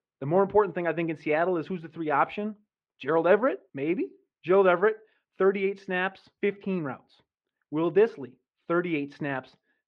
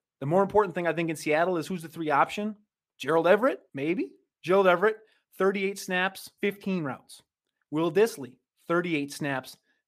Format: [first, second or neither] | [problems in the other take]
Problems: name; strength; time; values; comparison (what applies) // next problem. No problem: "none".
second | muffled; very; fading above 3 kHz